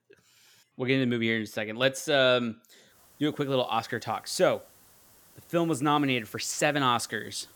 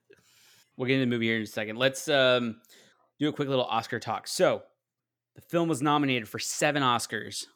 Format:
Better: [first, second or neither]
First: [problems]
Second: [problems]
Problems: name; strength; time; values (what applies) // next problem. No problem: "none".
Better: second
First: hiss; faint; from 3 s on; 30 dB below the speech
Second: none